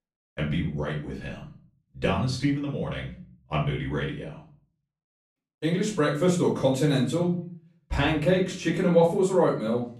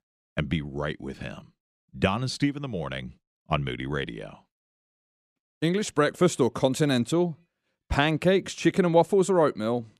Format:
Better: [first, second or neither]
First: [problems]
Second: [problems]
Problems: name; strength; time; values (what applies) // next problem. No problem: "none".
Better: second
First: room echo; slight; dies away in 0.4 s // off-mic speech; far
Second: none